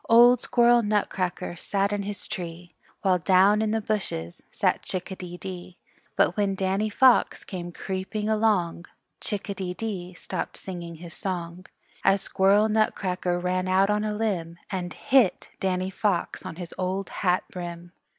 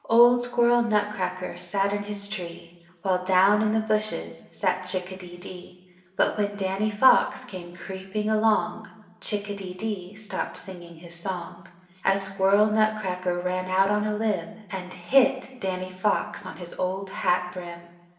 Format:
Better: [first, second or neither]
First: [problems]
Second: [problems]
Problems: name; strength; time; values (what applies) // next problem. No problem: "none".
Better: first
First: none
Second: room echo; dies away in 1 s